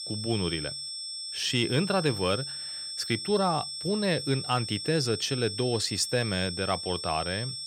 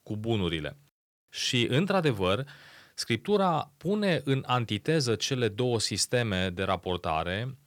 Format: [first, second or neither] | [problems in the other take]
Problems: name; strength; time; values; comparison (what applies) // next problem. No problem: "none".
second | high-pitched whine; loud; throughout; 5.5 kHz, 5 dB below the speech